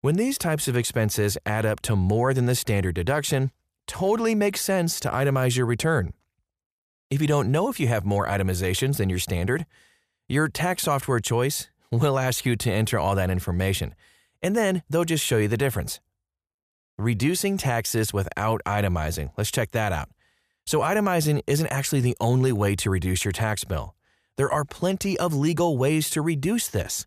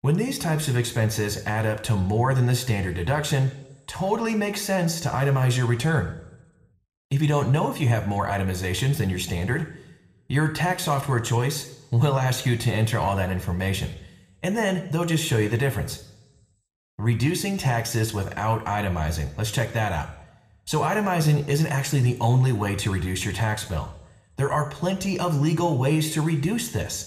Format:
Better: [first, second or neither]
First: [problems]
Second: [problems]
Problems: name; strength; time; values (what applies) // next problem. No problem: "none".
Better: first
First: none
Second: room echo; very slight; dies away in 0.7 s